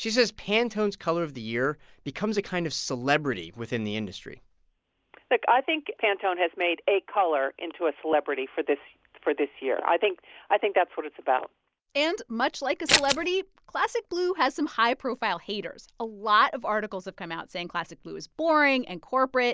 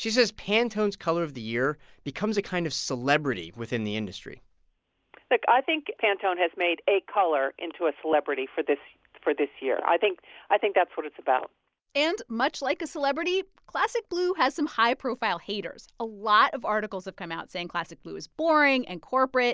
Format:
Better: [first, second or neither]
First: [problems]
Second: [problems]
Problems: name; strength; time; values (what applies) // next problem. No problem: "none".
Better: second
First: background sound (Scissors); 4 dB above the speech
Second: none